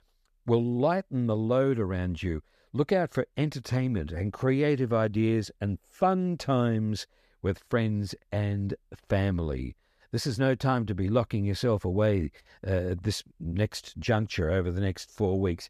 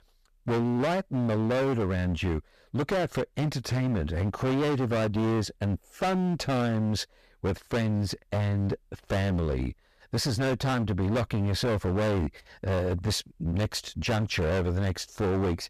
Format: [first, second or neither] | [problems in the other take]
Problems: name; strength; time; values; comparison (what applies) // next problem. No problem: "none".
first | distortion; heavy; 27% of the sound clipped